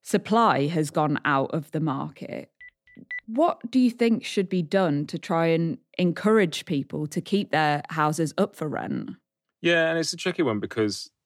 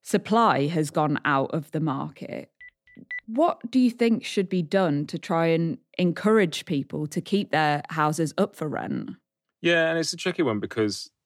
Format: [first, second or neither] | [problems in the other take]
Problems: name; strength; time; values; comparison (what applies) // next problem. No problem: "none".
neither | phone ringing; faint; at 2.5 s; peak 10 dB below the speech; the same in both